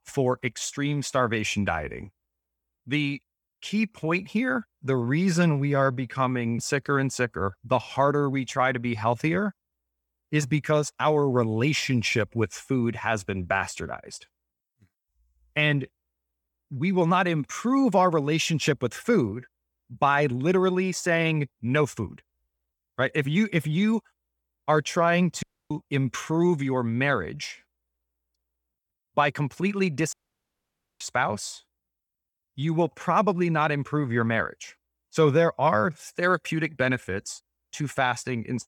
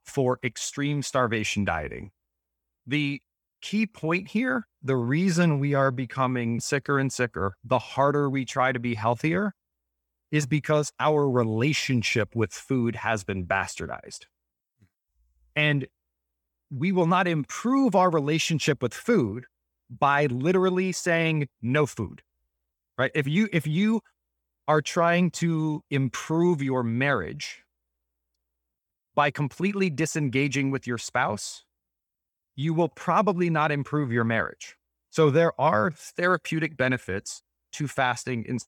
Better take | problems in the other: second | audio cutting out; at 25 s and at 30 s for 1 s

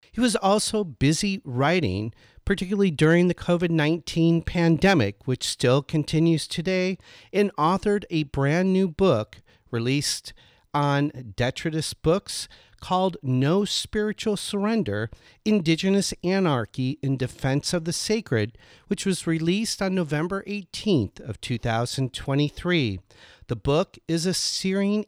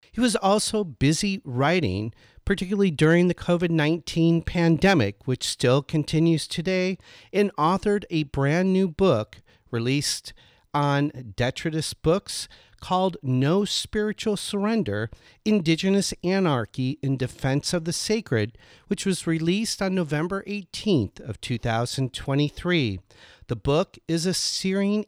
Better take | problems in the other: neither | none

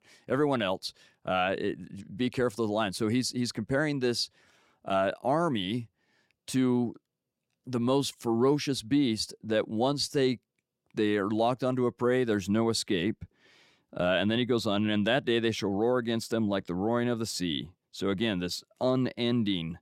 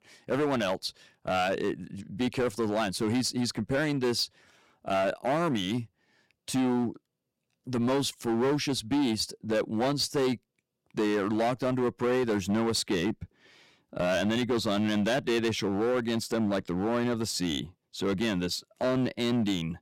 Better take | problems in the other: first | distortion; slight; 13% of the sound clipped

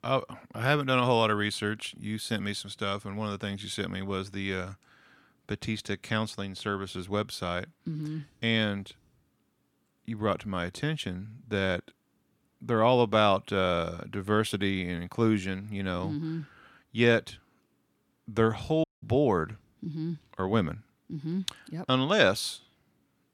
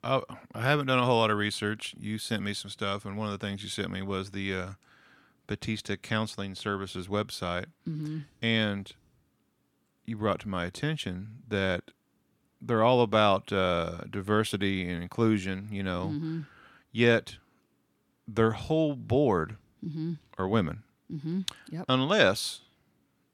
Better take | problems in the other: second | audio cutting out; at 19 s

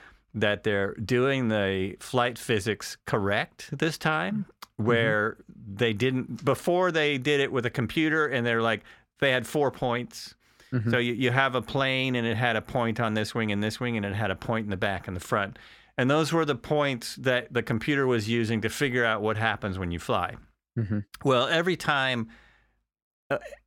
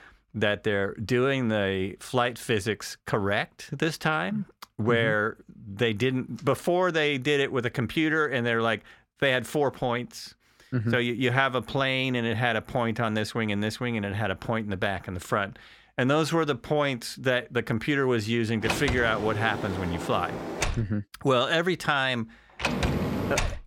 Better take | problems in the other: first | door banging; loud; from 19 s on; peak level with the speech

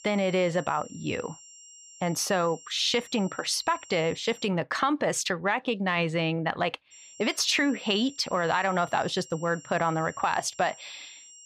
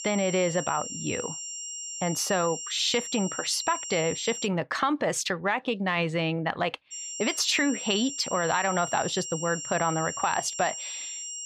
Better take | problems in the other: first | high-pitched whine; loud; until 4.5 s and from 7 s on; 7.5 kHz, 7 dB below the speech; faint in the first

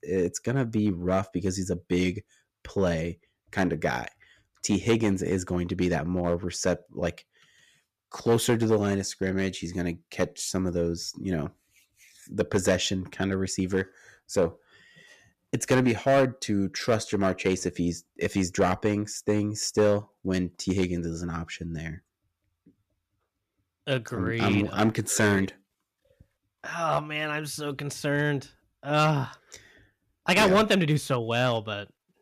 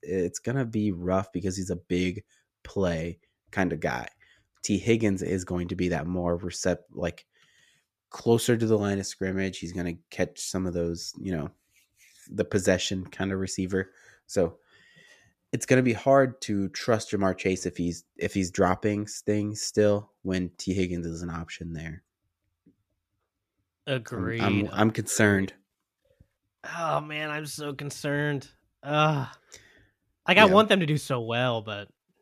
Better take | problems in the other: second | distortion; slight; 2% of the sound clipped

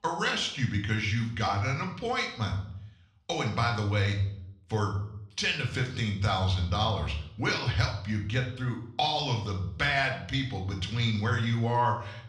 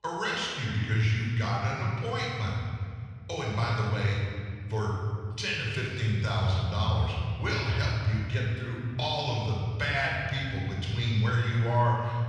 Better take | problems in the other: first | room echo; strong; dies away in 2.3 s; slight in the first // off-mic speech; far; somewhat distant in the first

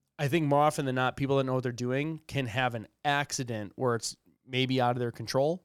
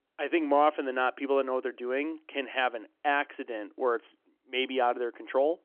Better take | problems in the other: first | phone-call audio; nothing above 3.5 kHz

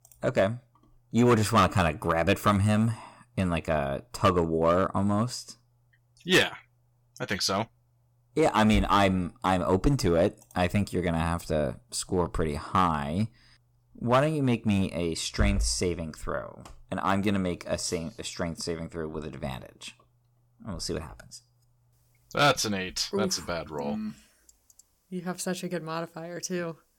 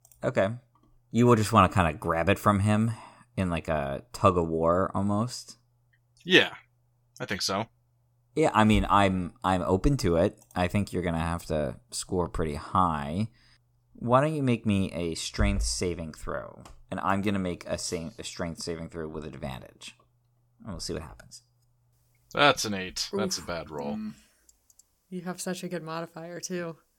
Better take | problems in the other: second | distortion; slight; 2% of the sound clipped

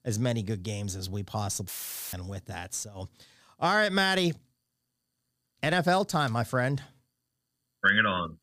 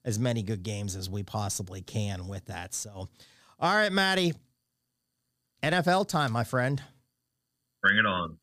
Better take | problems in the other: second | audio cutting out; filled with static; at 1.5 s

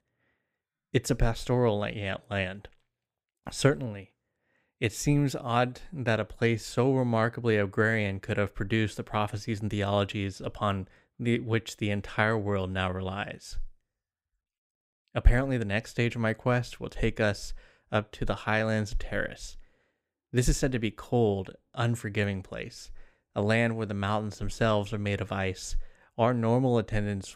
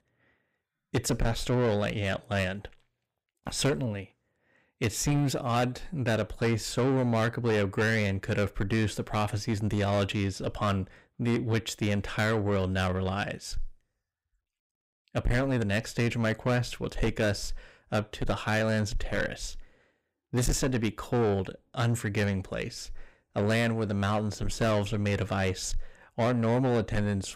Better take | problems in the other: first | distortion; heavy; 7 dB below the speech

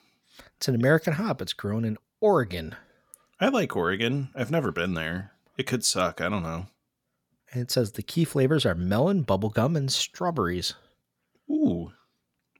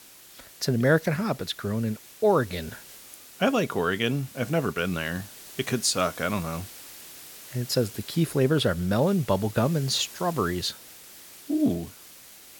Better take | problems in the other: first | hiss; noticeable; throughout; 15 dB below the speech

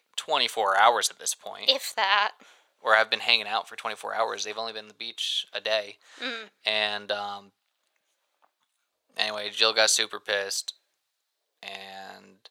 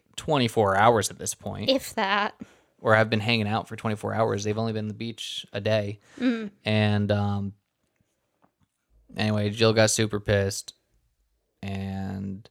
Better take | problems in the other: second | thin; very; fading below 850 Hz

